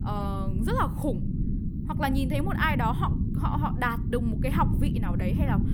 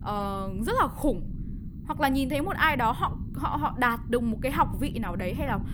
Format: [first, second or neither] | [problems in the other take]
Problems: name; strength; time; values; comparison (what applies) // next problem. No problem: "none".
second | low rumble; loud; throughout; 9 dB below the speech; faint in the second